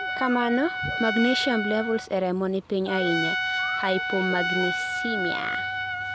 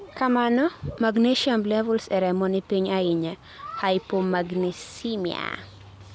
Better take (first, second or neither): second